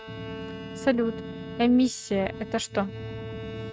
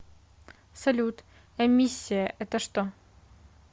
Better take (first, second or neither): second